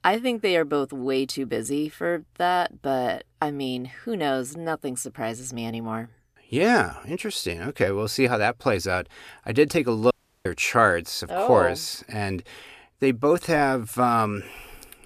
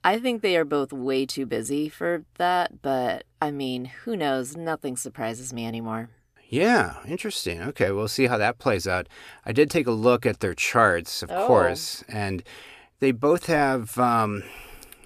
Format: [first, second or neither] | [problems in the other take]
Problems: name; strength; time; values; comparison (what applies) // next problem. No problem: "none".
second | audio cutting out; at 10 s